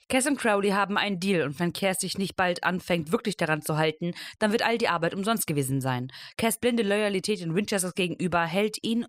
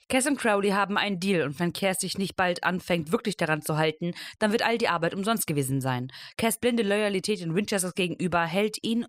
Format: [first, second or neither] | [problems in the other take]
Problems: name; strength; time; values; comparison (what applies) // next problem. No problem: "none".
neither | none